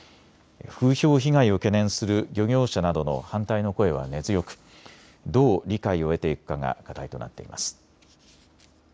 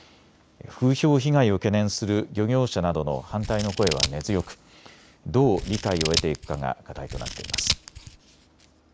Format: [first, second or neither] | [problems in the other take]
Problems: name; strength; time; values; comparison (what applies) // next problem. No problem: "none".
first | background sound (Scissors); 6 dB below the speech